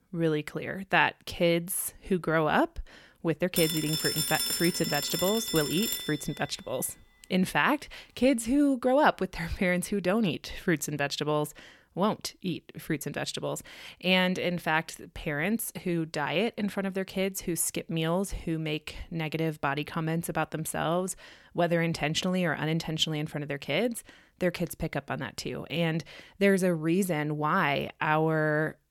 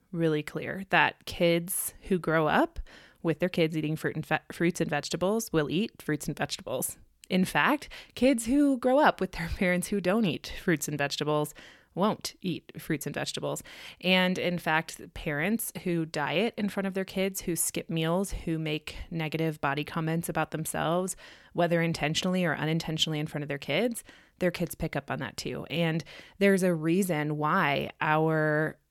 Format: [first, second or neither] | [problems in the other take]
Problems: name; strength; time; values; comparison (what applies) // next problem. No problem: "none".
second | phone ringing; loud; from 3.5 to 6 s; peak 2 dB above the speech